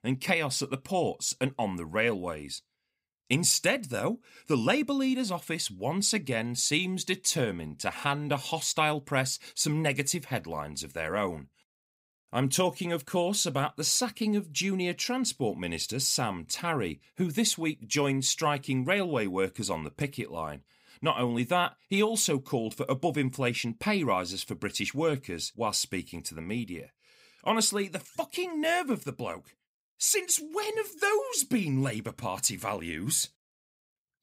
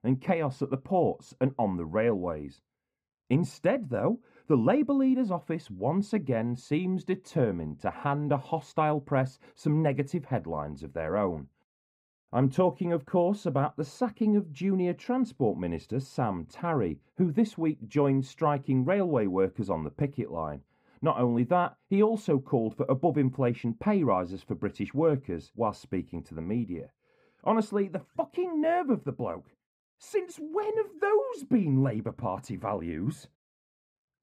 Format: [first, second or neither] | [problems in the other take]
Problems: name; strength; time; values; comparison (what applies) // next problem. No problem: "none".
first | muffled; very; fading above 2.5 kHz